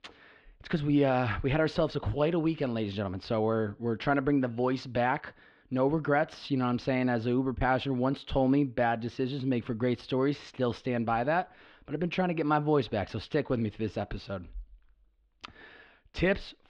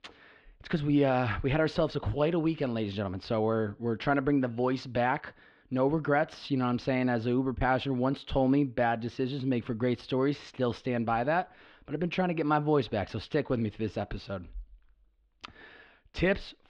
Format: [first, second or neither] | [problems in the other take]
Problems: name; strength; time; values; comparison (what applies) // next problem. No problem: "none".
neither | muffled; slightly; fading above 3.5 kHz; the same in both